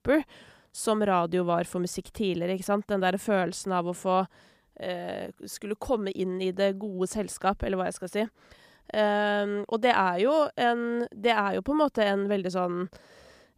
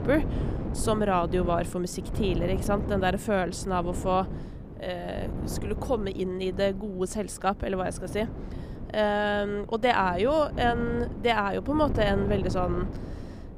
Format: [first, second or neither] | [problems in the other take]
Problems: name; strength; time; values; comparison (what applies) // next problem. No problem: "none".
first | wind noise on the microphone; occasional gusts; 15 dB below the speech